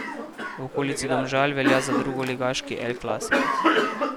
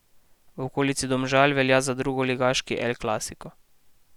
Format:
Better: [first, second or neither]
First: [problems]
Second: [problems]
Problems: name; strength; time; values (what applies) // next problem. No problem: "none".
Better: second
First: background sound (Cough); 2 dB above the speech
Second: none